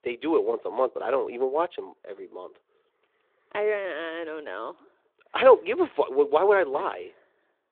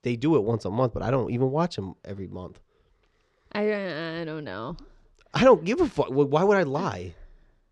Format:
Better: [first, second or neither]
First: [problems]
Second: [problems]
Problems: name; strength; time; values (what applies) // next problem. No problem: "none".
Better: second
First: phone-call audio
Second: none